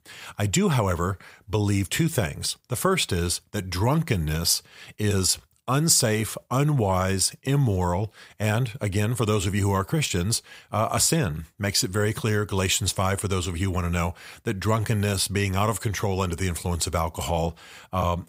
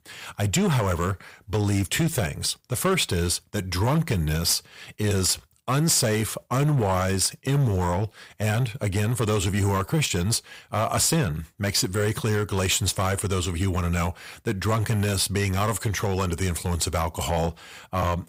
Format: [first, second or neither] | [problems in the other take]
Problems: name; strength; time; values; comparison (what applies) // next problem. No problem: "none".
first | distortion; slight; 7% of the sound clipped